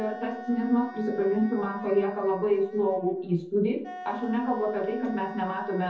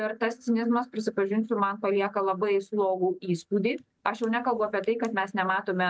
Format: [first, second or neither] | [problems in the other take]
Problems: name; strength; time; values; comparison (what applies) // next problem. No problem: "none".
second | background sound (Wind instrument, woodwind instrument); 15 dB below the speech // room echo; dies away in 0.5 s